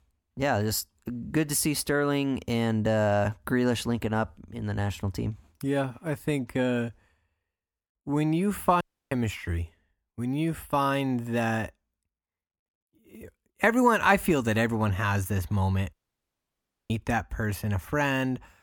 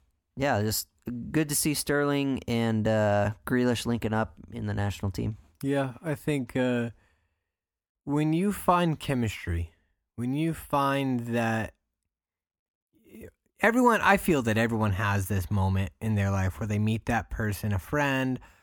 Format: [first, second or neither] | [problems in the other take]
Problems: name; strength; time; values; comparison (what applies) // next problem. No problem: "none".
second | audio cutting out; at 9 s and at 16 s for 1 s